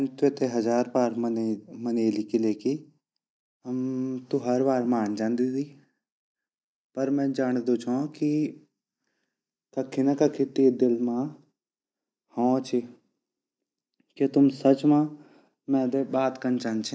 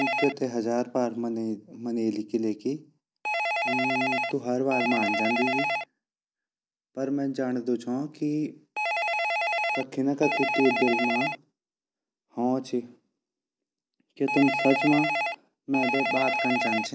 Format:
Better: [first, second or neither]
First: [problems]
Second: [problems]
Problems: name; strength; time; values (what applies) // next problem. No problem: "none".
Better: first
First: none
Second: background sound (Telephone); 2 dB below the speech